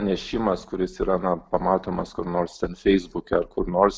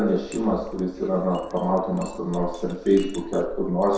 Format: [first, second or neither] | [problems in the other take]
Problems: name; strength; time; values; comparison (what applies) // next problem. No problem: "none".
first | background sound (Chink, clink); 14 dB below the speech // room echo; dies away in 0.7 s